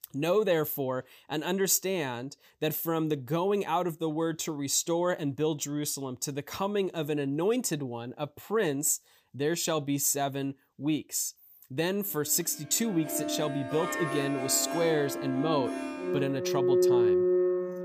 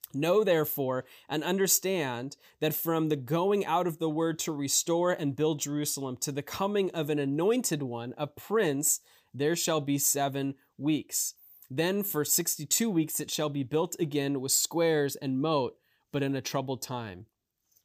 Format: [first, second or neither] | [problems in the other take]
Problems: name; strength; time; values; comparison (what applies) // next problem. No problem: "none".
second | background music; loud; from 13 s on; as loud as the speech